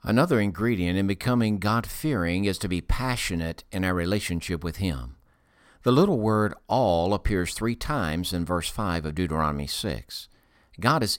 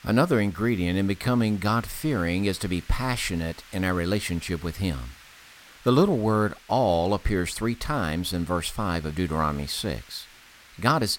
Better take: first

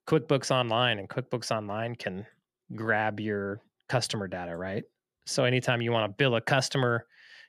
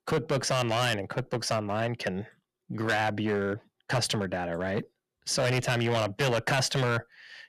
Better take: first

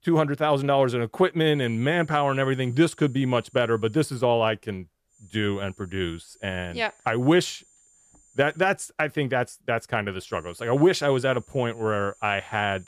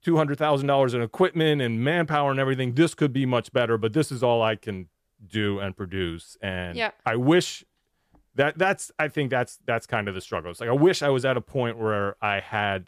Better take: second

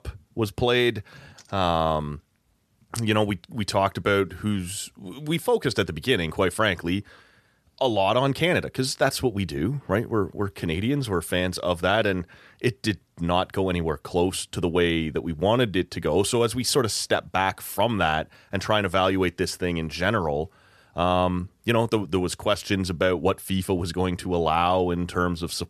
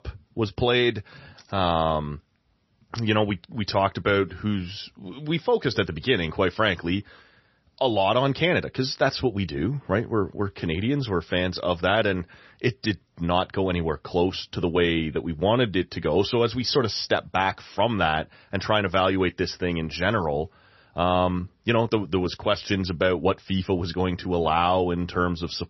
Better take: first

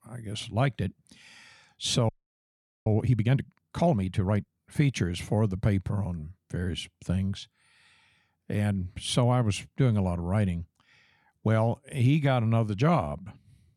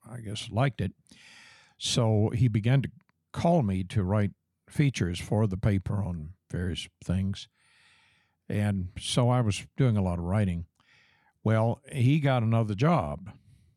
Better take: second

